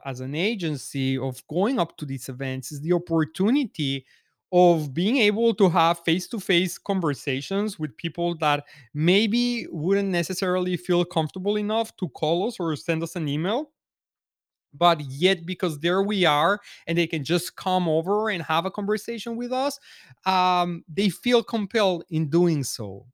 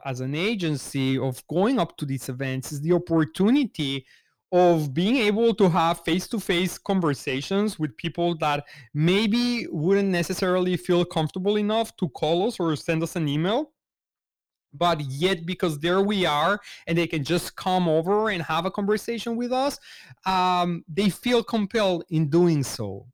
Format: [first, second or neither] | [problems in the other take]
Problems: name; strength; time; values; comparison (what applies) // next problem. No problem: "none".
first | distortion; slight; 10 dB below the speech